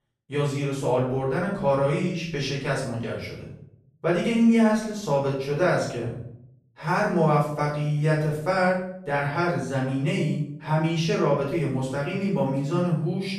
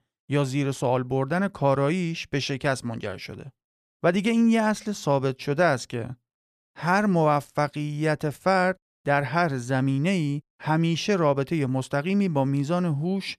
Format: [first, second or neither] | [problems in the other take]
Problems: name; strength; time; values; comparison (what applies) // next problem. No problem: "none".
second | room echo; noticeable; dies away in 0.6 s // off-mic speech; far